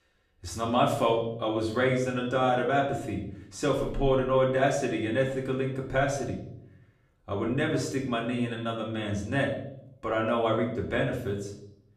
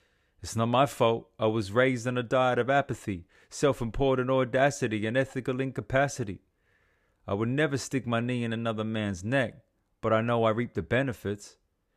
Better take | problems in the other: second | room echo; slight; dies away in 0.6 s // off-mic speech; far

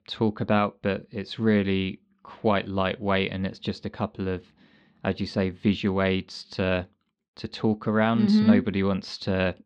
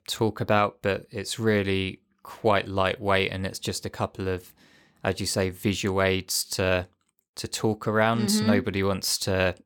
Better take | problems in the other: second | muffled; very slightly; fading above 4 kHz

